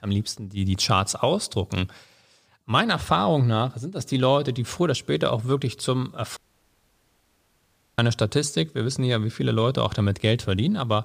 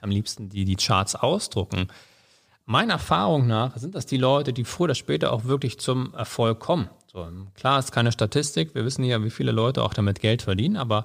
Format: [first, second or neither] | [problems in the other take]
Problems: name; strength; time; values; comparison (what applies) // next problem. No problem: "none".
second | audio cutting out; at 6.5 s for 1.5 s